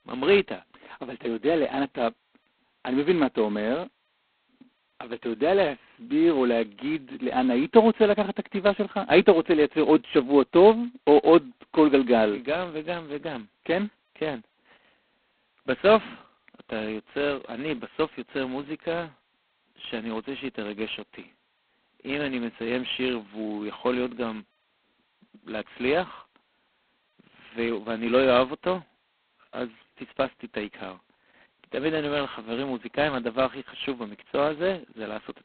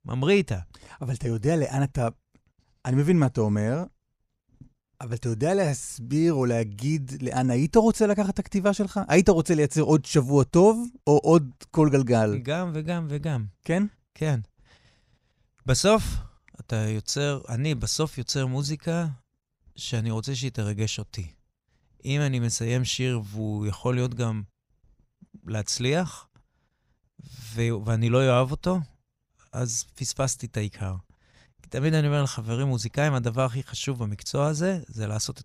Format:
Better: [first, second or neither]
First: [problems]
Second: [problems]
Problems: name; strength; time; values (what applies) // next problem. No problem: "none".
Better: second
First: phone-call audio; poor line; nothing above 4 kHz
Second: none